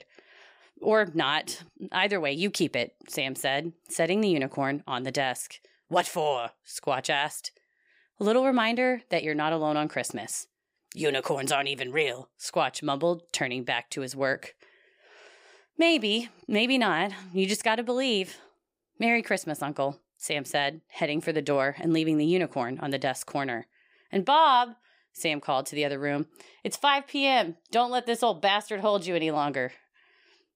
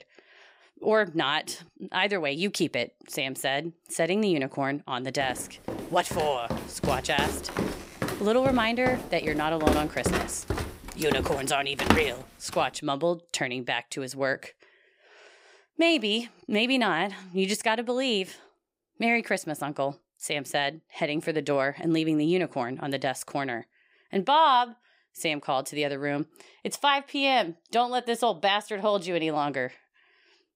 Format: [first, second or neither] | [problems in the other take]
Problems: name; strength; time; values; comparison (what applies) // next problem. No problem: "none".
first | footsteps; loud; from 5.5 to 12 s; peak 2 dB above the speech